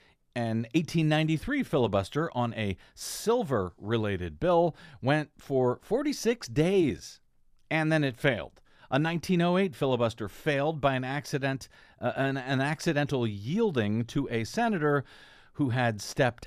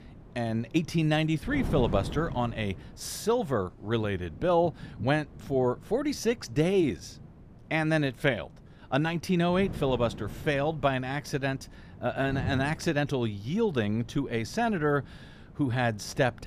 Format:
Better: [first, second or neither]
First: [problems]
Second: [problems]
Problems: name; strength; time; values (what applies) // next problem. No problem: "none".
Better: first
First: none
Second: wind noise on the microphone; occasional gusts; 20 dB below the speech